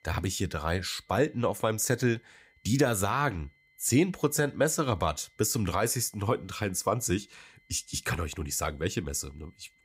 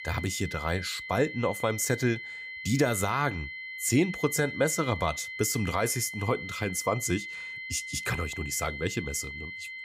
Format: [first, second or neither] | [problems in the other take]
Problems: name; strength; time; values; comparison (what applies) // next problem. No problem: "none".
first | high-pitched whine; loud; throughout; 2 kHz, 8 dB below the speech; faint in the first